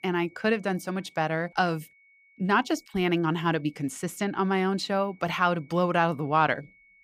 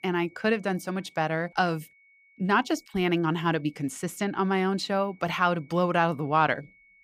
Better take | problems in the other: neither | high-pitched whine; faint; throughout; 2 kHz, 30 dB below the speech; the same in both

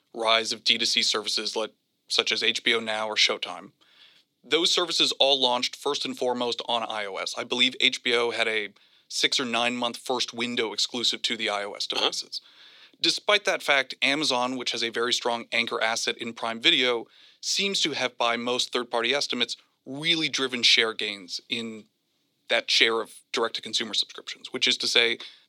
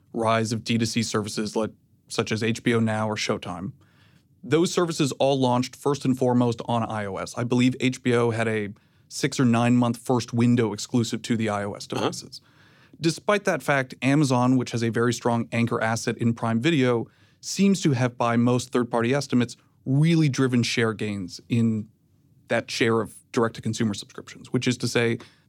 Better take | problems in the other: second | thin; somewhat; fading below 450 Hz

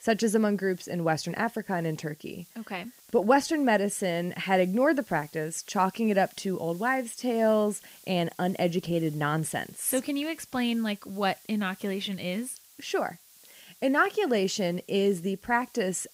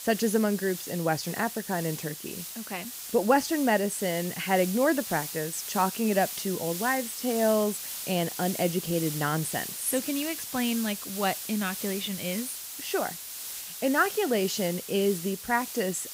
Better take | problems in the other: first | hiss; loud; throughout; 7 dB below the speech; faint in the first

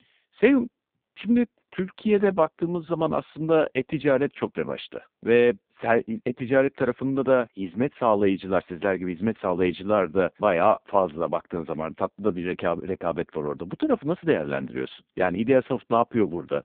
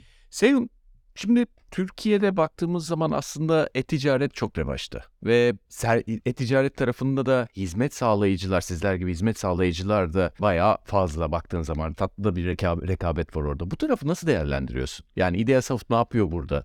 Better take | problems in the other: second | phone-call audio; poor line; nothing above 3.5 kHz

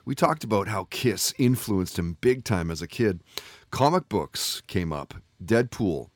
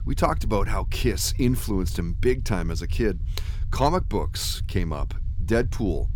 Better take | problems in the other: first | low rumble; faint; throughout; 20 dB below the speech

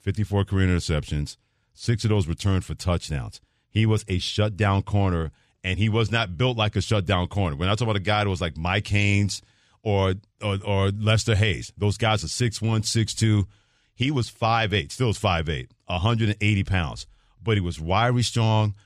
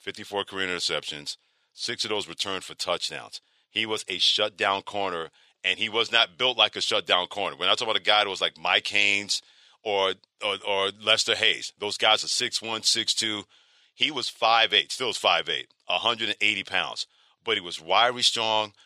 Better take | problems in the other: first | thin; very; fading below 600 Hz

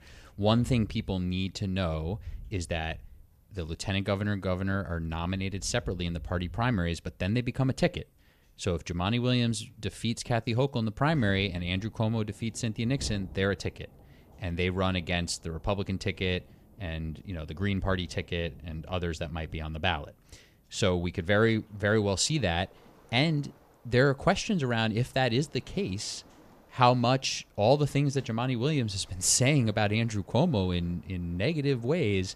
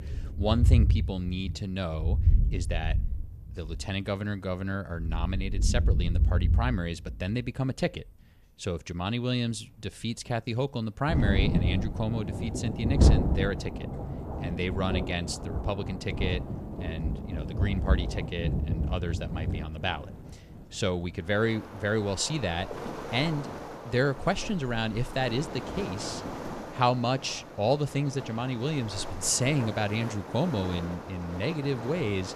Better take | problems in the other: first | rain or running water; loud; throughout; as loud as the speech; faint in the first

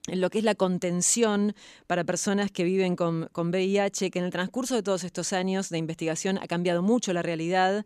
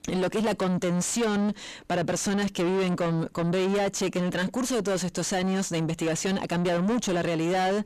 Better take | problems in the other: first | distortion; heavy; 6 dB below the speech

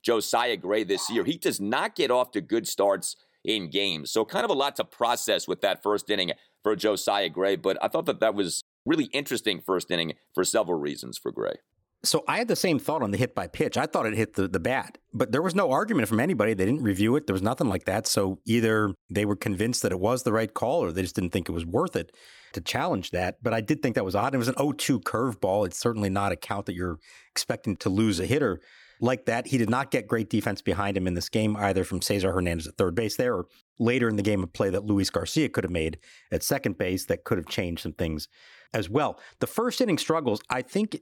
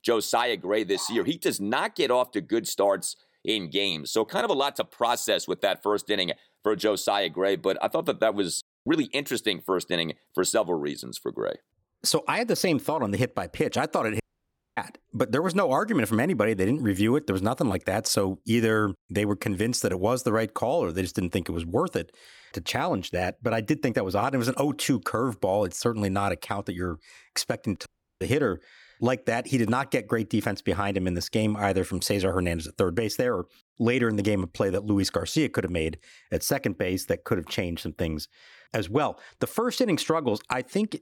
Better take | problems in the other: first | audio cutting out; at 14 s for 0.5 s and at 28 s

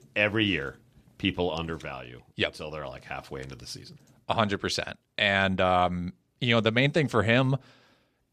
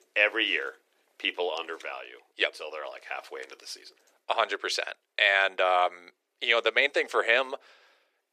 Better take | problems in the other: first | thin; very; fading below 400 Hz

